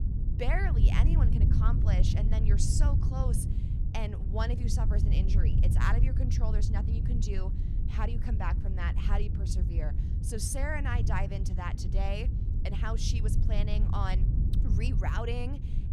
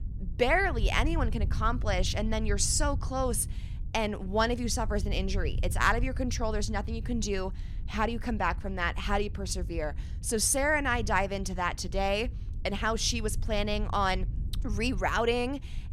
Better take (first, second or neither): second